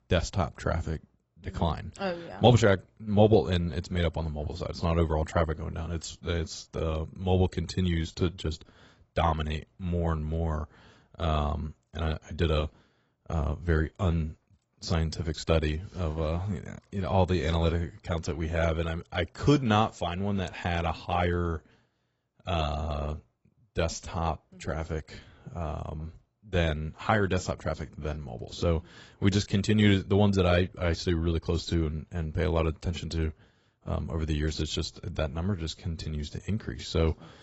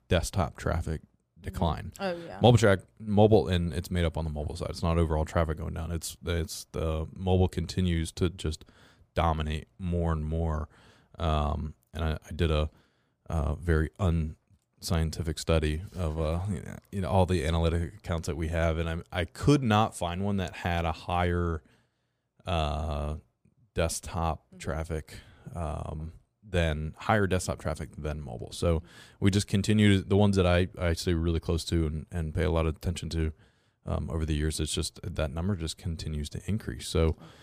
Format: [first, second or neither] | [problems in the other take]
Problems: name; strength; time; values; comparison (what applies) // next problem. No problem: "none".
second | garbled, watery; badly; nothing above 8 kHz